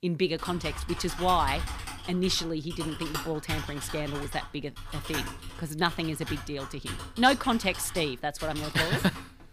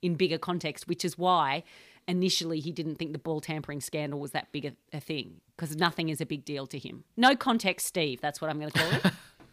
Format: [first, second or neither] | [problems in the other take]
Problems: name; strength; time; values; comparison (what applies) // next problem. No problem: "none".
second | keyboard typing; noticeable; peak 4 dB below the speech